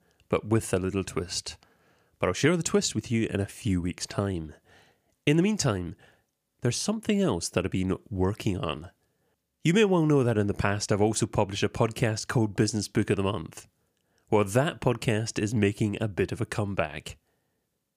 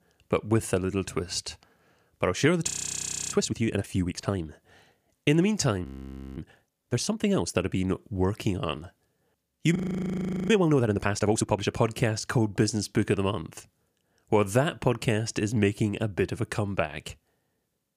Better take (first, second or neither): first